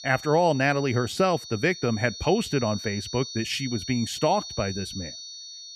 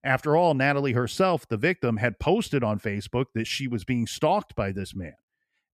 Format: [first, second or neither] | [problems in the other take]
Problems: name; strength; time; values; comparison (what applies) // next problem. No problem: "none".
second | high-pitched whine; noticeable; throughout; 4.5 kHz, 10 dB below the speech